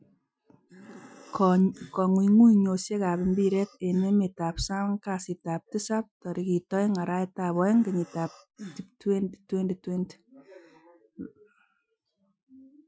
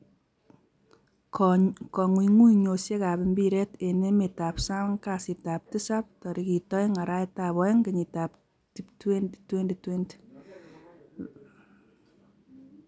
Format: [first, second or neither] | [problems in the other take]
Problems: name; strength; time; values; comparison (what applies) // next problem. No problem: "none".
second | noise reduction (classical method Wiener filter)